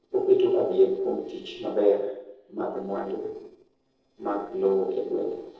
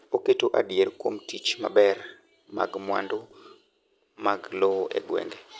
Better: second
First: noise reduction (neural separator model SepFormer DNS4)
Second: none

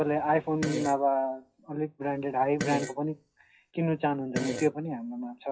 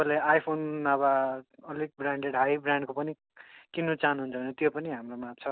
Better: second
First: noise reduction (classical method WPE with log-MMSE)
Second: none

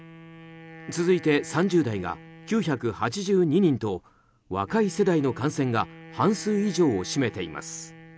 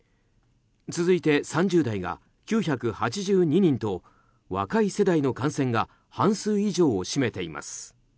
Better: second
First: background sound (Wind instrument, woodwind instrument); 20 dB below the speech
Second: none

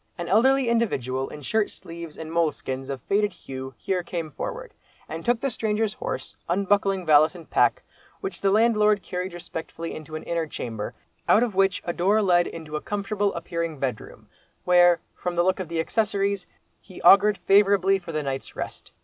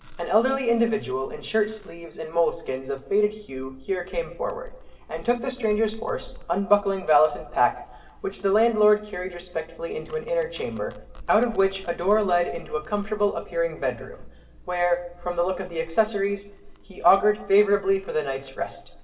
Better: first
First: none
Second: background sound (Domestic sounds, home sounds); 18 dB below the speech // room echo; dies away in 0.7 s

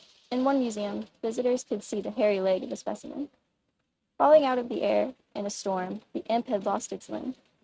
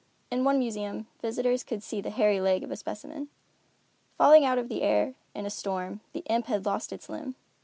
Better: second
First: noise reduction (neural mask model RNNoise)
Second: none

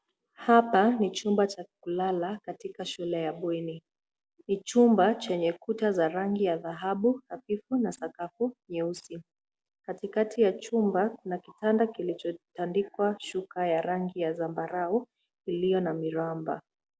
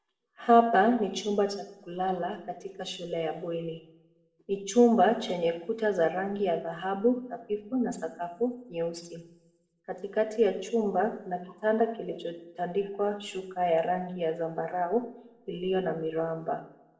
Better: first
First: none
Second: room echo; dies away in 0.6 s

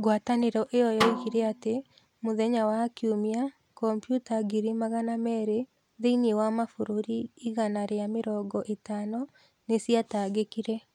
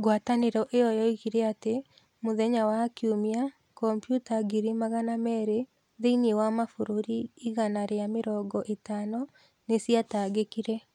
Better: second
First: background sound (Snare drum); 6 dB below the speech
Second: none

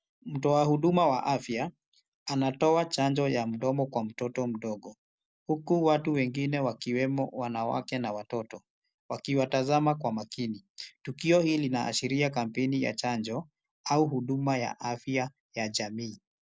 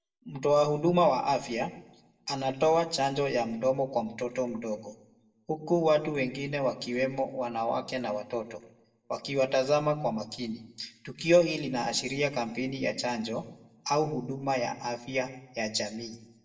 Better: first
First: none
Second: room echo; dies away in 0.6 s

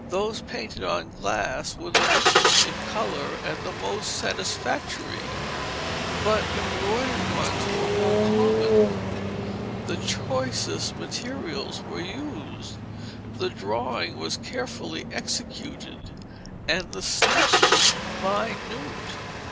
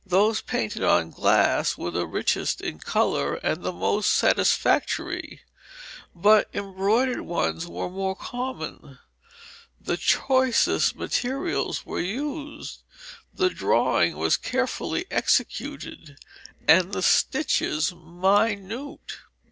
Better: second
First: background sound (Engine starting); 4 dB above the speech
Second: none

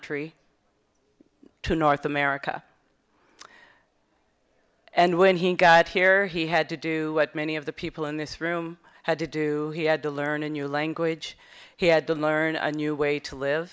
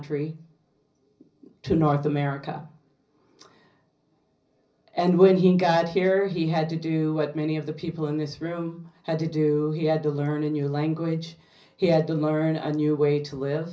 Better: first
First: none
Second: room echo; dies away in 0.5 s

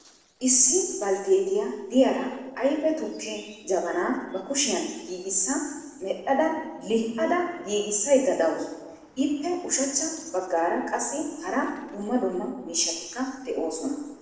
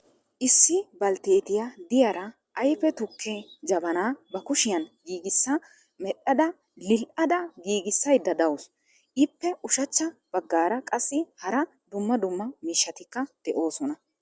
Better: second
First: noise reduction (neural separator model SepFormer DNS4)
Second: none

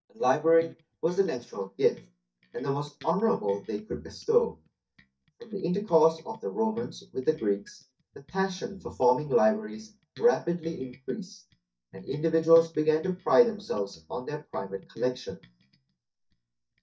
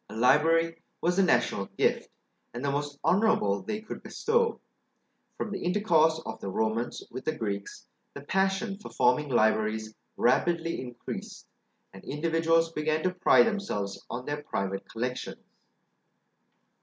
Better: second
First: noise reduction (neural mask model DeepFilterNet 3)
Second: none

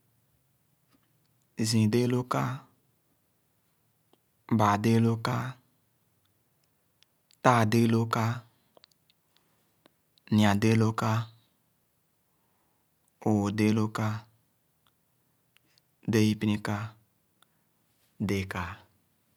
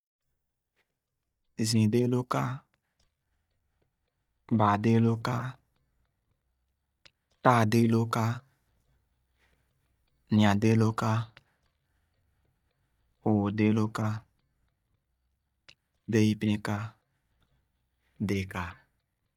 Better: first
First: none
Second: noise reduction (neural mask model DeepFilterNet 3)

